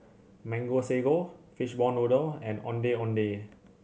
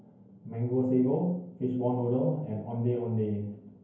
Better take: first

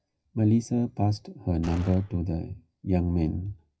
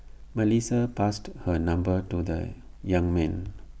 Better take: second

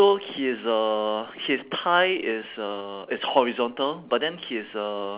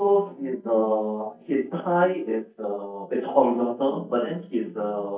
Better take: first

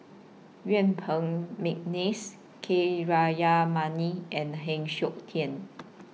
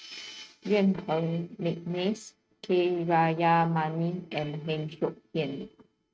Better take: first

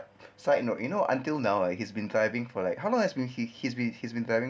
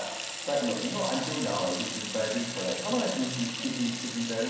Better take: first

